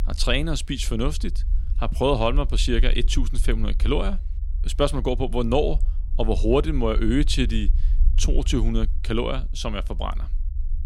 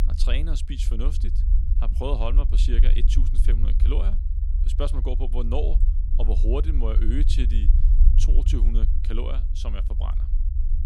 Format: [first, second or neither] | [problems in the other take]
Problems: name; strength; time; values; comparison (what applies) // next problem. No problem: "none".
first | low rumble; loud; throughout; 9 dB below the speech; faint in the first